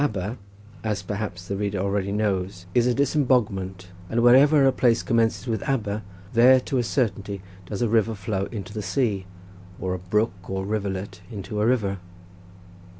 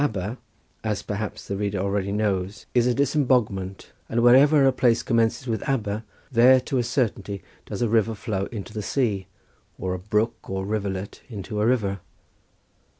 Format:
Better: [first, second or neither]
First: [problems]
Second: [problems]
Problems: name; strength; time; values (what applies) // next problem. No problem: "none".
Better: second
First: background sound (Microwave oven); 18 dB below the speech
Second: none